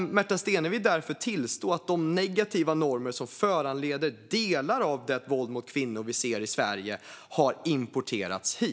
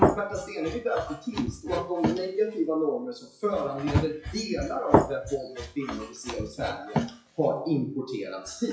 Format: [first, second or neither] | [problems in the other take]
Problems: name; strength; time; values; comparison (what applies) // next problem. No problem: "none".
first | noise reduction (classical method WPE with log-MMSE)